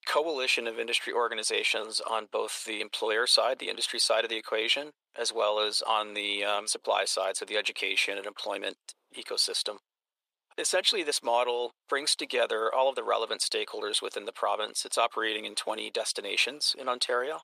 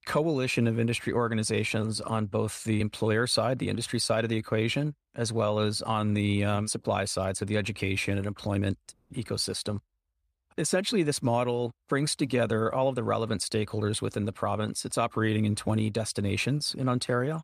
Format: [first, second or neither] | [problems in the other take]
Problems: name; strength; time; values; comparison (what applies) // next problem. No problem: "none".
second | thin; very; fading below 450 Hz